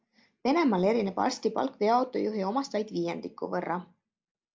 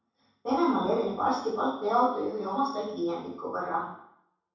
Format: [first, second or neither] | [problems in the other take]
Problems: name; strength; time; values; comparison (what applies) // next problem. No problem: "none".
first | room echo; dies away in 0.7 s